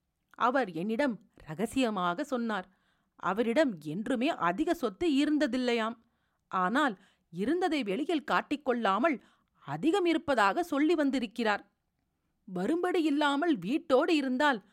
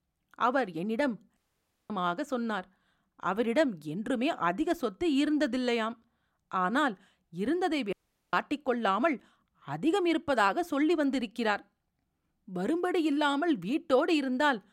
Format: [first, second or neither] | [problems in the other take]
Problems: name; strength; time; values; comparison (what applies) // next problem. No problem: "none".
first | audio cutting out; at 1.5 s for 0.5 s and at 8 s